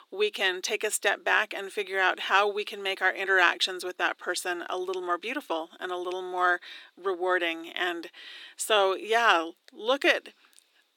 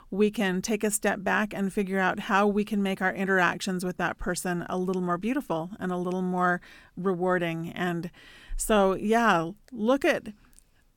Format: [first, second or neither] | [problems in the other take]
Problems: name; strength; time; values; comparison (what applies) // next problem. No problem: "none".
second | thin; very; fading below 350 Hz